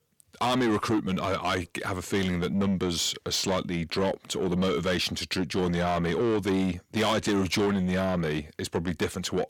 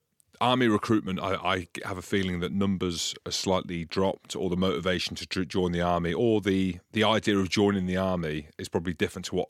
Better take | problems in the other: second | distortion; heavy; 8 dB below the speech

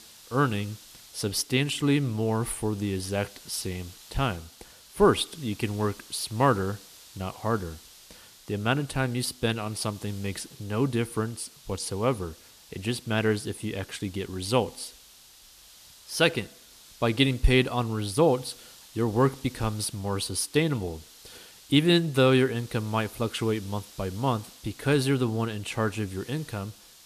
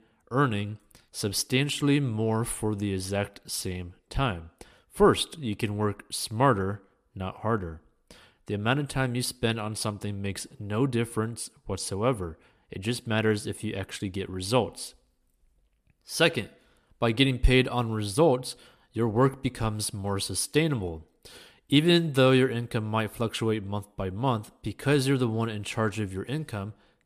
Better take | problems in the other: second | hiss; faint; throughout; 20 dB below the speech

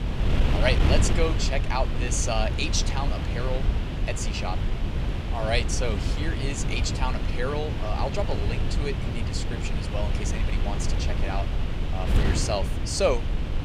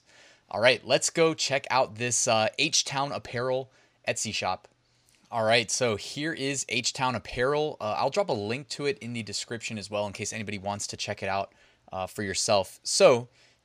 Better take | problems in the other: second | wind noise on the microphone; heavy; 5 dB below the speech

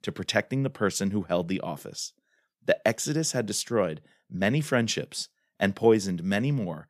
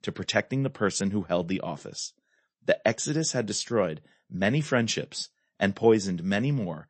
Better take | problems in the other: first | garbled, watery; slightly; nothing above 8 kHz

